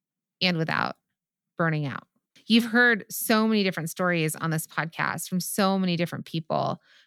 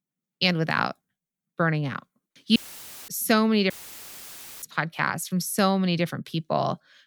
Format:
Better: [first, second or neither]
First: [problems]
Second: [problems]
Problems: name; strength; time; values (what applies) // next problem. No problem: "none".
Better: first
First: none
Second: audio cutting out; filled with static; at 2.5 s for 0.5 s and at 3.5 s for 1 s